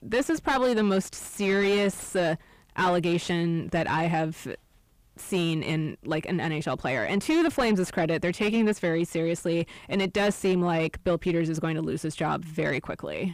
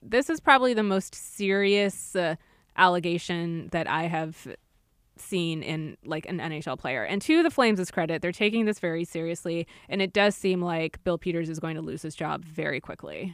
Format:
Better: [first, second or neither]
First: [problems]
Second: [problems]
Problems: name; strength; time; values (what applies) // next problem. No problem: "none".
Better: second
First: distortion; heavy; 6 dB below the speech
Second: none